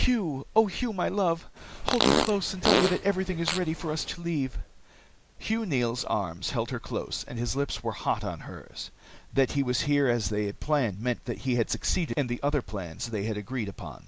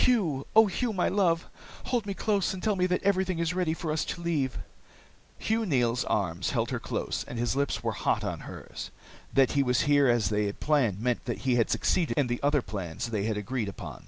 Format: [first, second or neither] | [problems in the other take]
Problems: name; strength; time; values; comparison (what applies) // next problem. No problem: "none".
second | background sound (Fart); as loud as the speech